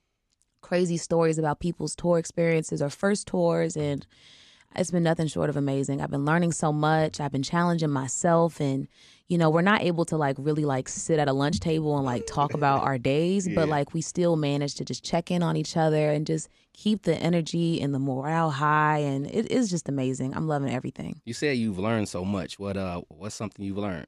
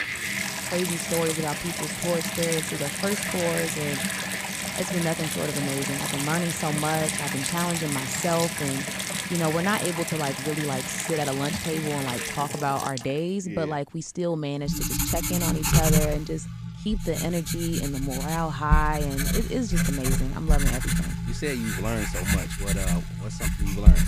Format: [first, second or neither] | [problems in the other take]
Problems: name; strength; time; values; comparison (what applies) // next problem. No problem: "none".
first | household noises; very loud; throughout; 1 dB above the speech